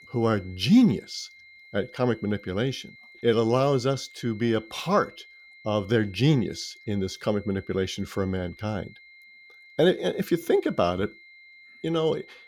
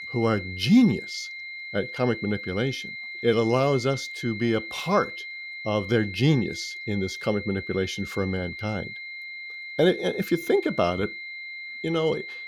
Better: first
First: high-pitched whine; faint; throughout; 2 kHz, 25 dB below the speech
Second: high-pitched whine; loud; throughout; 2 kHz, 9 dB below the speech

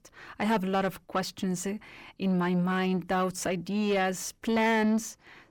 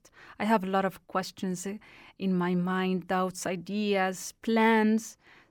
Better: second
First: distortion; slight; 9 dB below the speech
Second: none

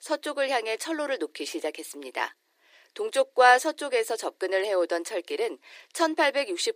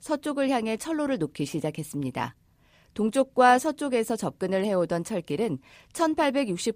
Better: second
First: thin; very; fading below 350 Hz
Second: none

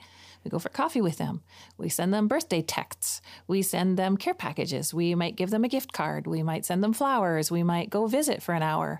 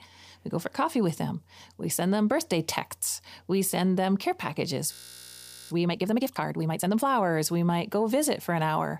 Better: first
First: none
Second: audio freezing; at 5 s for 1 s

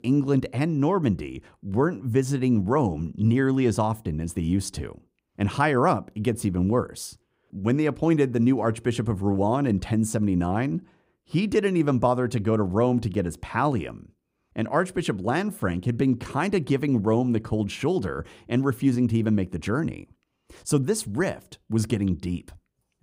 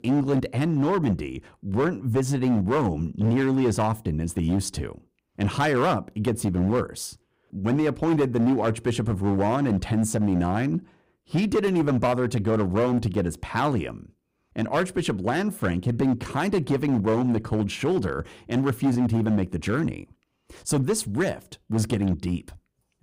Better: first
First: none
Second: distortion; slight; 9% of the sound clipped

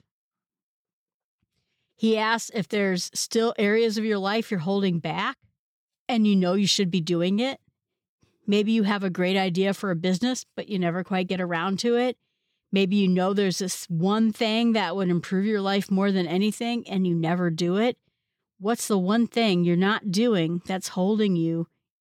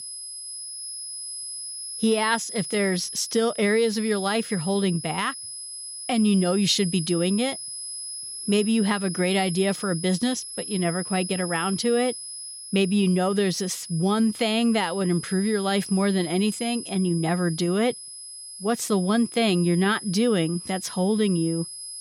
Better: first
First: none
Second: high-pitched whine; loud; throughout; 10.5 kHz, 10 dB below the speech

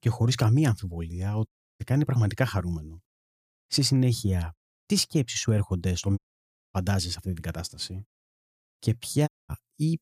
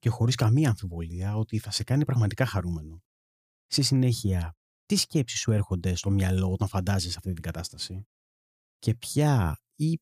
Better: second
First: audio cutting out; at 1.5 s, at 6 s for 0.5 s and at 9.5 s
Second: none

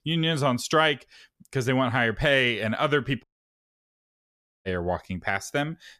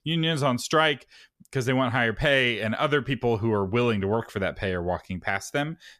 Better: second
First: audio cutting out; at 3 s for 1.5 s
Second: none

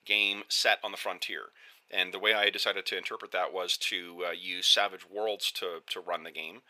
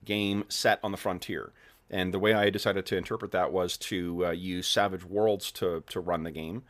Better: second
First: thin; very; fading below 600 Hz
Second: none

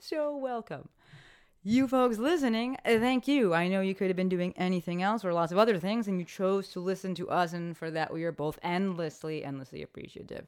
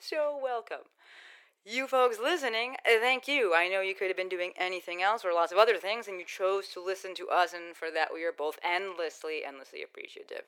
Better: first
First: none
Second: thin; very; fading below 400 Hz

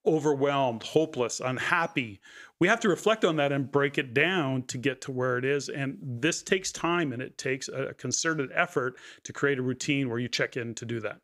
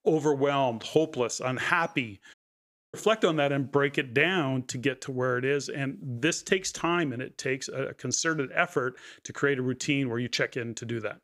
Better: first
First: none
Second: audio cutting out; at 2.5 s for 0.5 s

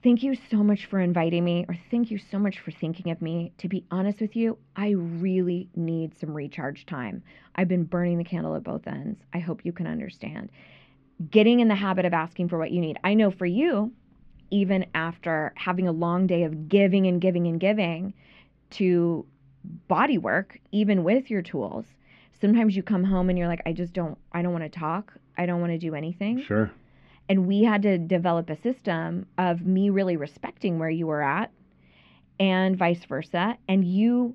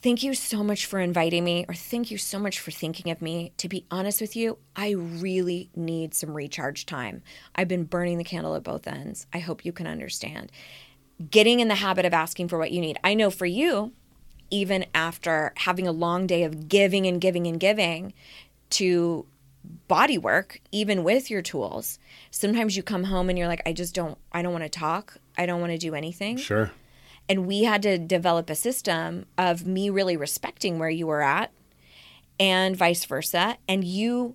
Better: second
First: muffled; very; fading above 2.5 kHz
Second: none

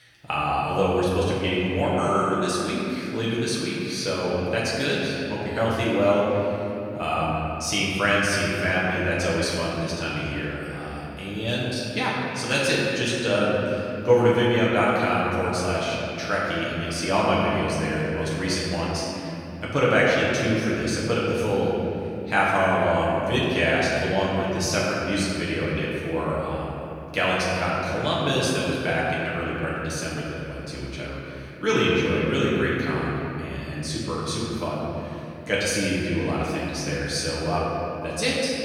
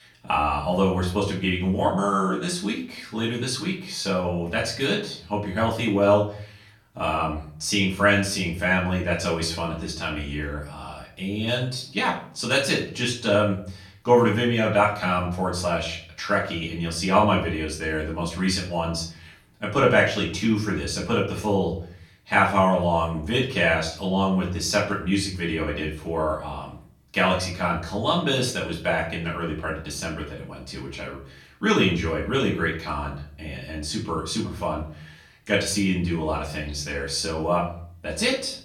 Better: second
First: room echo; strong; dies away in 3 s // off-mic speech; far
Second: room echo; slight; dies away in 0.5 s // off-mic speech; far

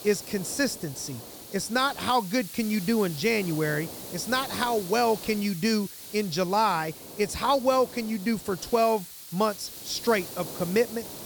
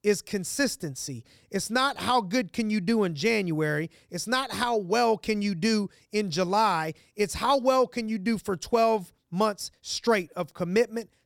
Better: second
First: hiss; noticeable; throughout; 10 dB below the speech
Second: none

